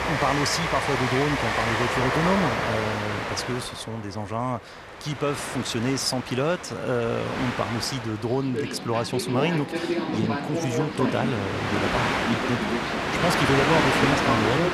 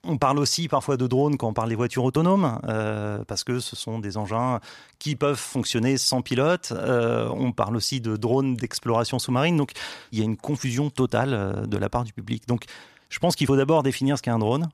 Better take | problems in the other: second | train or aircraft noise; very loud; throughout; 1 dB above the speech

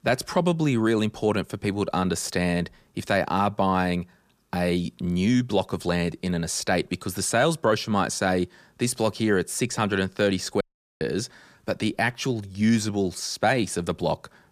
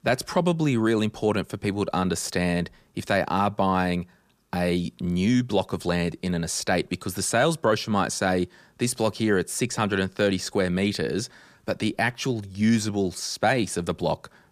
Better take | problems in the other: second | audio cutting out; at 11 s

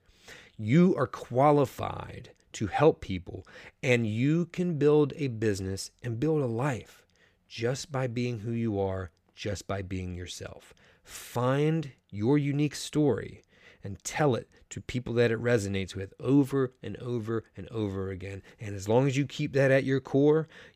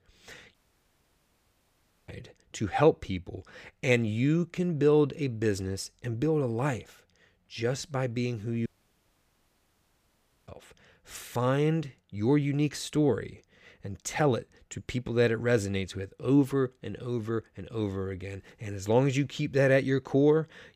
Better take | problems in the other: first | audio cutting out; at 0.5 s for 1.5 s and at 8.5 s for 2 s

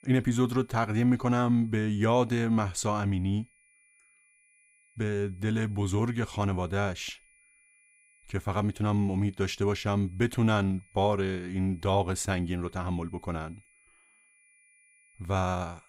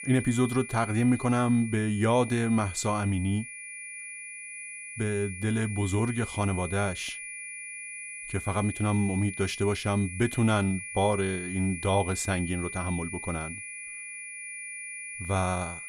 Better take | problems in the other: first | high-pitched whine; loud; throughout; 2.5 kHz, 9 dB below the speech; faint in the first

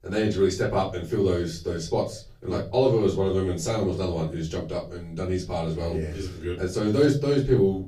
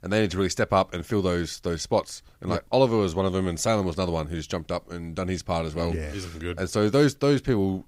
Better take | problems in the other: second | off-mic speech; far // room echo; slight; dies away in 0.4 s

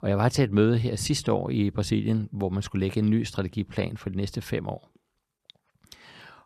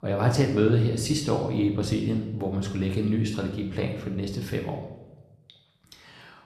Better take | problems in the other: first | room echo; slight; dies away in 0.8 s // off-mic speech; somewhat distant

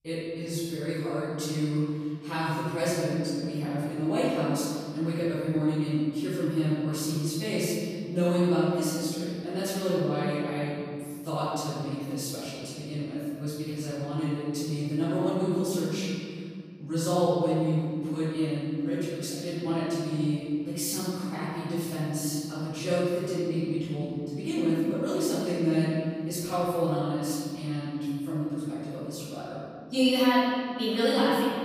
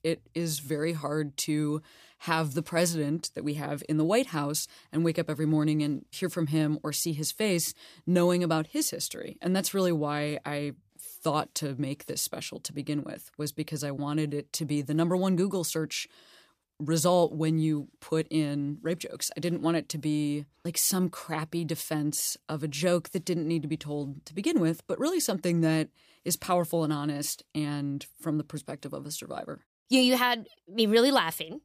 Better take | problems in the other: second | off-mic speech; far // room echo; strong; dies away in 2.3 s

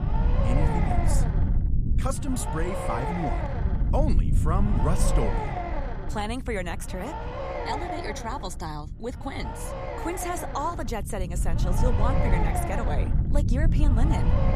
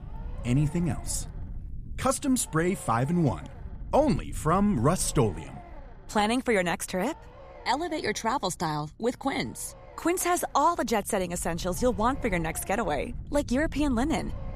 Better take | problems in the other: second | low rumble; loud; throughout; as loud as the speech; faint in the second

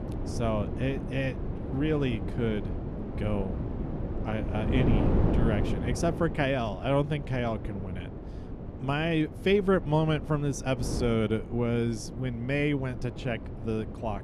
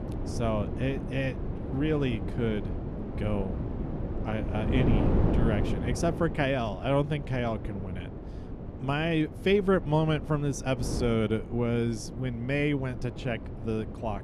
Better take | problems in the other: neither | wind noise on the microphone; heavy; 8 dB below the speech; the same in both

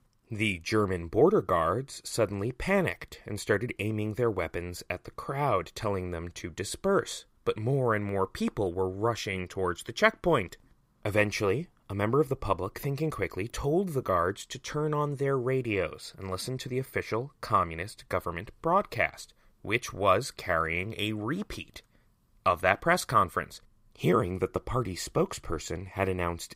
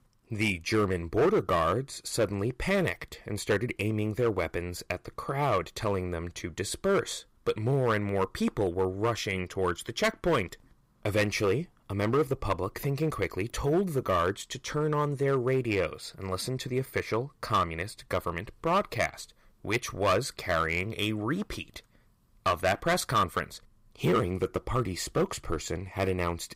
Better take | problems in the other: first | distortion; slight; 4% of the sound clipped

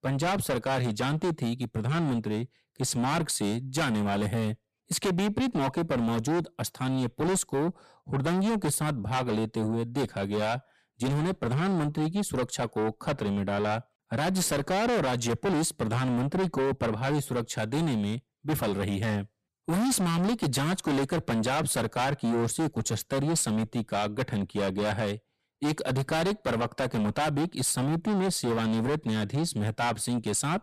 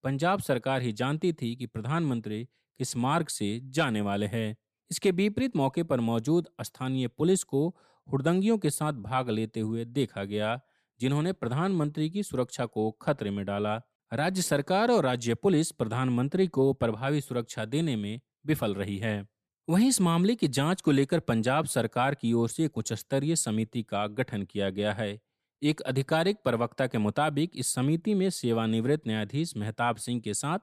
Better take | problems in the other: second | distortion; heavy; 6 dB below the speech

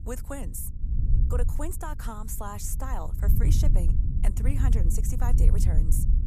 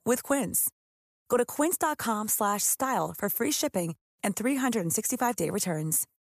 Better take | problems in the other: second | wind noise on the microphone; heavy; 5 dB below the speech

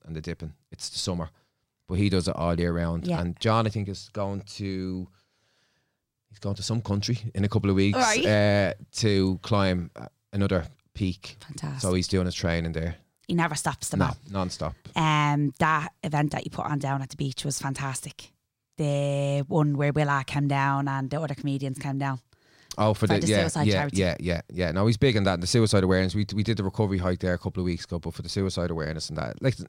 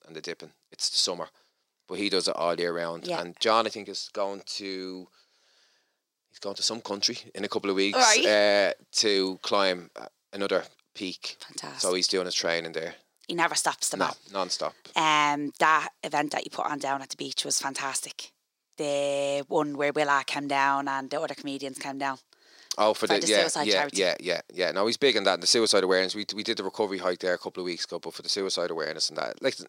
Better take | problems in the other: first | thin; somewhat; fading below 350 Hz

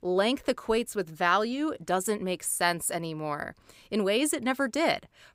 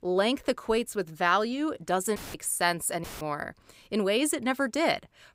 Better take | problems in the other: first | audio cutting out; filled with static; at 2 s and at 3 s

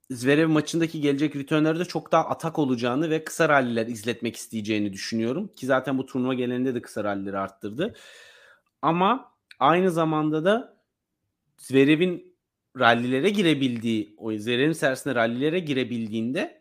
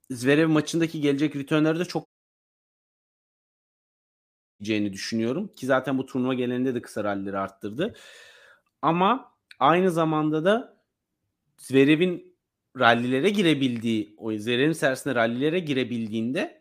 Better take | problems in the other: first | audio cutting out; at 2 s for 2.5 s

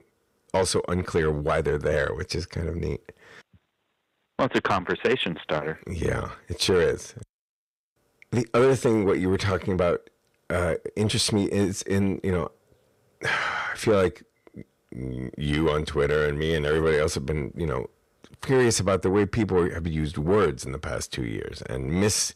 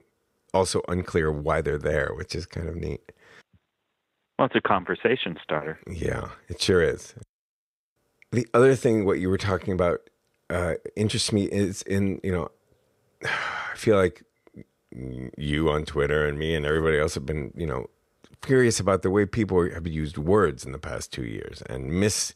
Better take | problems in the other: second | distortion; slight; 10 dB below the speech

